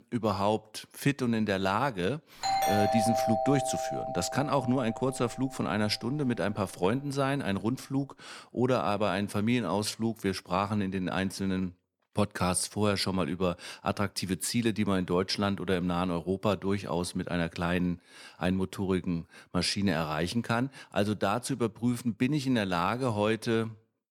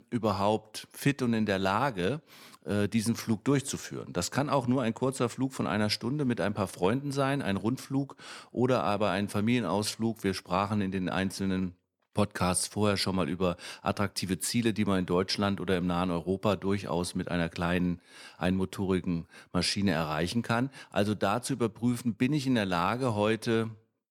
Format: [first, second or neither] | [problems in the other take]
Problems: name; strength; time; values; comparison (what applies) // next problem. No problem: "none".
second | doorbell; loud; from 2.5 to 5.5 s; peak 3 dB above the speech